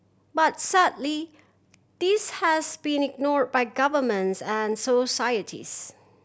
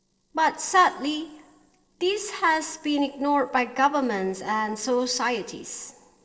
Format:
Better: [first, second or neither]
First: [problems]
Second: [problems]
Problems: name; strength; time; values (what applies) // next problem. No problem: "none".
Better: first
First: none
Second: noise reduction (neural separator model SepFormer DNS4)